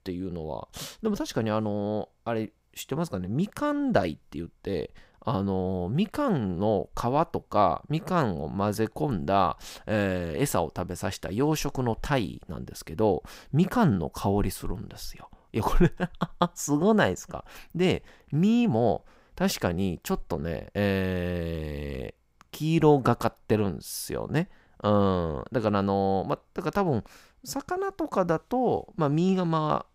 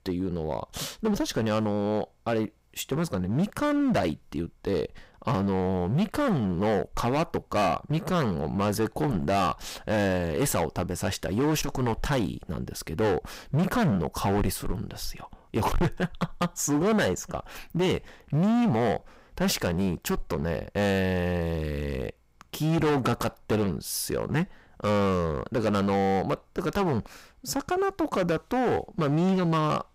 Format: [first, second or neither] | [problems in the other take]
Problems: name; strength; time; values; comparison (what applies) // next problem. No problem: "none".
first | distortion; heavy; 14% of the sound clipped